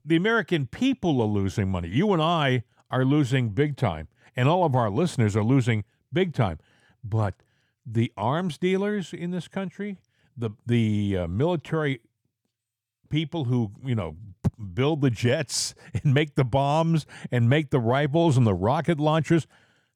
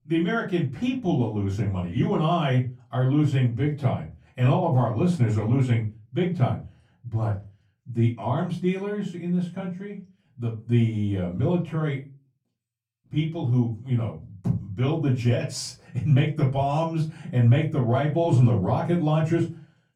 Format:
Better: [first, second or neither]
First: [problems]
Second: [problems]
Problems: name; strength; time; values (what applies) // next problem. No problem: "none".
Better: first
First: none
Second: off-mic speech; far // room echo; slight; dies away in 0.3 s